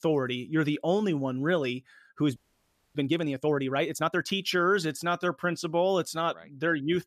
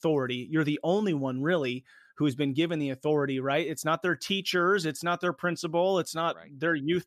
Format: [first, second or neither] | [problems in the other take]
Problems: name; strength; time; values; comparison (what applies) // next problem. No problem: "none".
second | audio freezing; at 2.5 s for 0.5 s